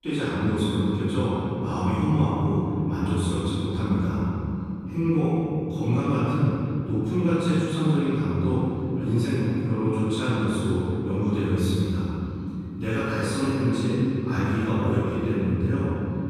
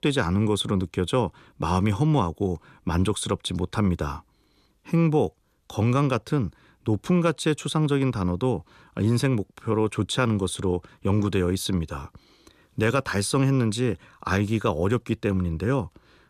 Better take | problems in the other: second | room echo; strong; dies away in 3 s // off-mic speech; far

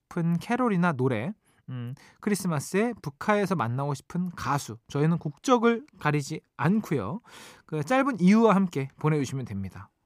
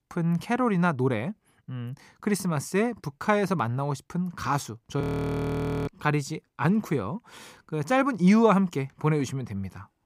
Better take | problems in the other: first | audio freezing; at 5 s for 1 s

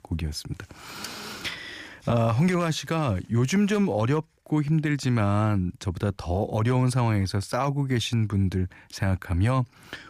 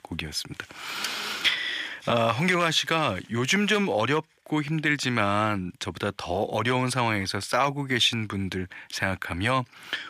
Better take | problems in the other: first | thin; somewhat; fading below 800 Hz

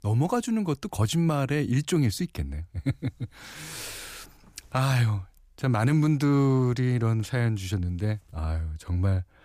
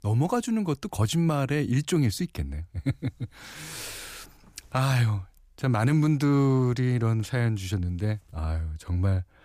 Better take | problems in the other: neither | none

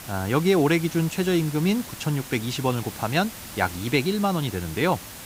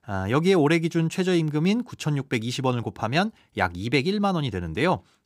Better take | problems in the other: second | hiss; noticeable; throughout; 15 dB below the speech

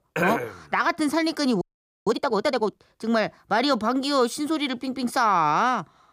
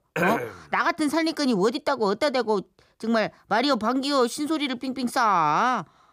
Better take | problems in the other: second | audio freezing; at 1.5 s

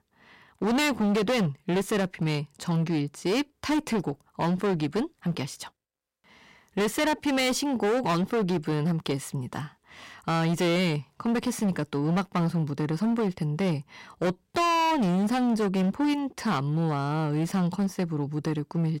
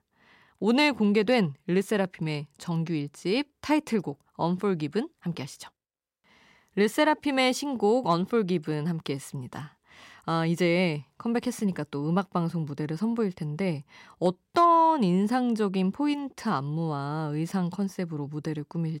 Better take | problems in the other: second | distortion; heavy; 18% of the sound clipped

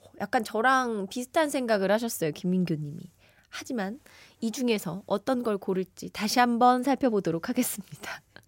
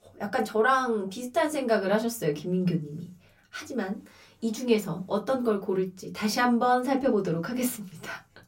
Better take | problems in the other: first | off-mic speech; far // room echo; very slight; dies away in 0.2 s

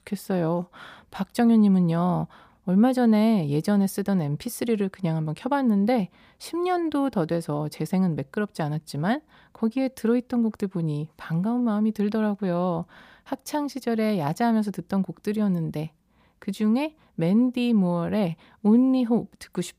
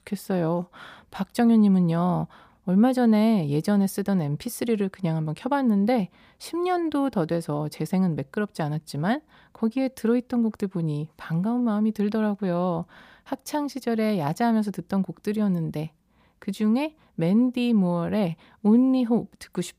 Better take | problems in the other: neither | none

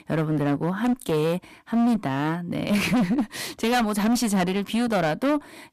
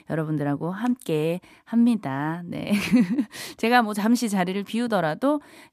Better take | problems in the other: second | distortion; heavy; 17% of the sound clipped

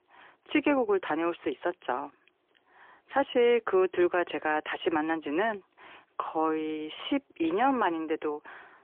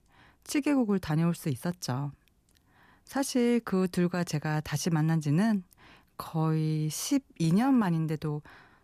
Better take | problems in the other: second | phone-call audio; poor line; nothing above 3 kHz

